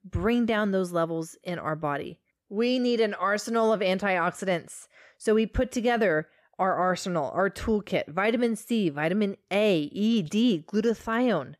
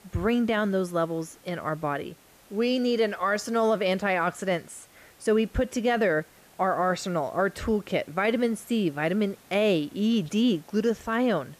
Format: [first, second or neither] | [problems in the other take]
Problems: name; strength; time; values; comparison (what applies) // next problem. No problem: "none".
first | hiss; faint; throughout; 25 dB below the speech